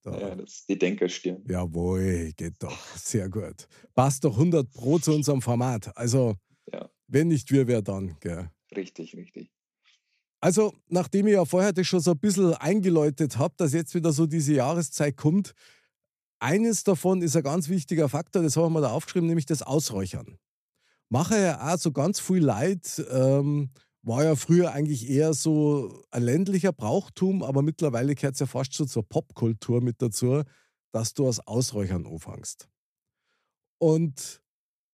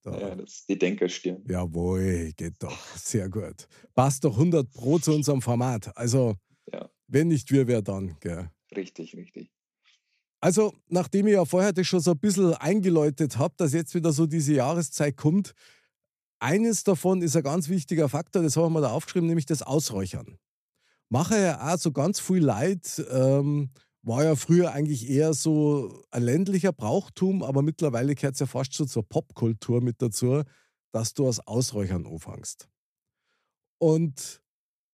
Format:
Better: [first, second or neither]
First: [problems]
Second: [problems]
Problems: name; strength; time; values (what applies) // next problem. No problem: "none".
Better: neither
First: none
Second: none